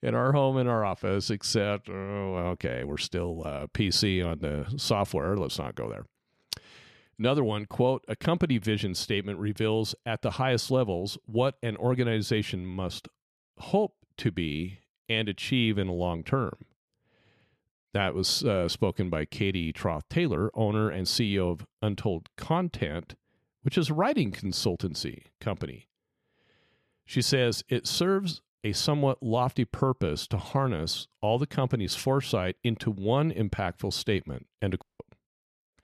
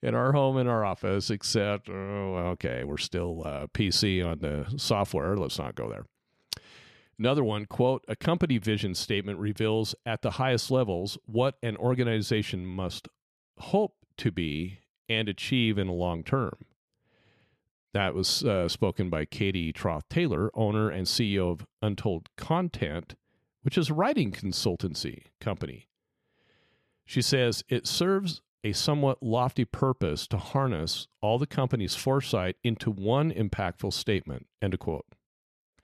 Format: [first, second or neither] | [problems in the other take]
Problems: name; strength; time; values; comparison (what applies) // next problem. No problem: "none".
second | audio cutting out; at 35 s